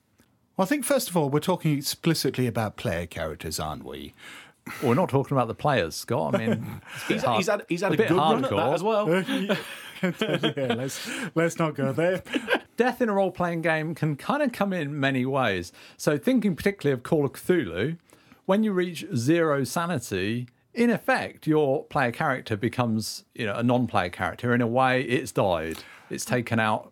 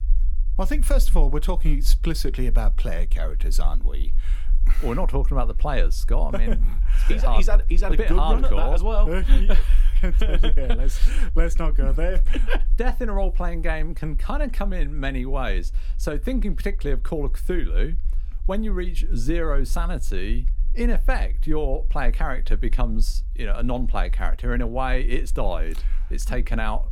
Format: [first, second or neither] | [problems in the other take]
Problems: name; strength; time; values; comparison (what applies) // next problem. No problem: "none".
first | low rumble; faint; throughout; 25 dB below the speech